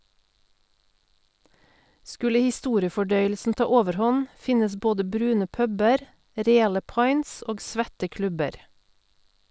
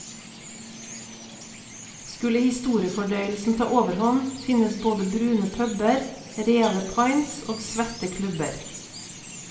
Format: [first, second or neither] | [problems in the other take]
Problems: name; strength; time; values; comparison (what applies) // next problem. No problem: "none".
first | background sound (Chirp, tweet); 15 dB below the speech // room echo; dies away in 0.6 s